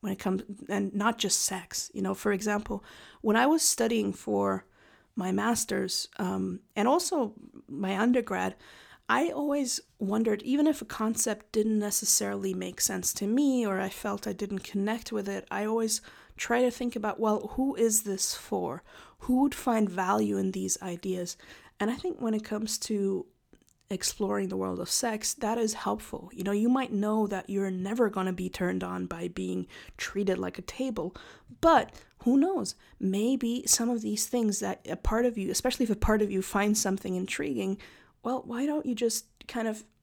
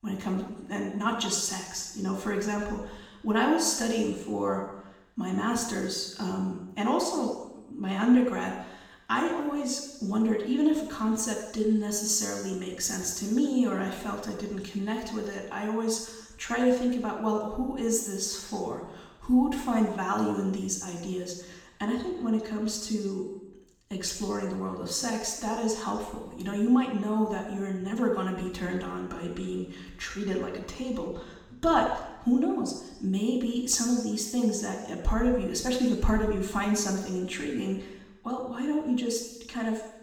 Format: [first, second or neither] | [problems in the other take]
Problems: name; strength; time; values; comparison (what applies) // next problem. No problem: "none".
first | room echo; noticeable; dies away in 0.9 s // off-mic speech; far